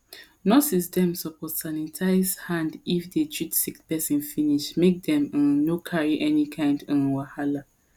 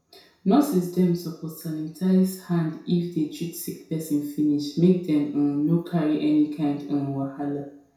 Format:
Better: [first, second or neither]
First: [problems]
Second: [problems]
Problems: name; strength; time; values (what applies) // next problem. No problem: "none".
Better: first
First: none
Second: room echo; dies away in 0.5 s